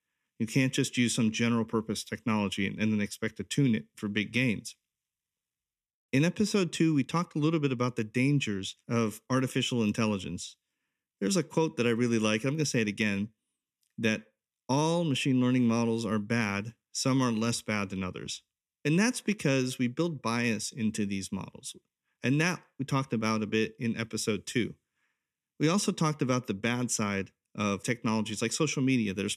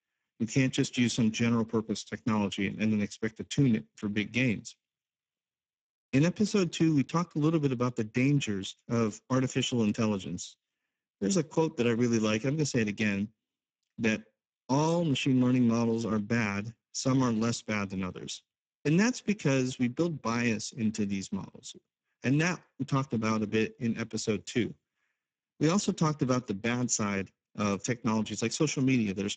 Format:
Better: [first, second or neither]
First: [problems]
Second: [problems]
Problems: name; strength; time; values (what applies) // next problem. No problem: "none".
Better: first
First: none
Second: garbled, watery; badly; nothing above 7.5 kHz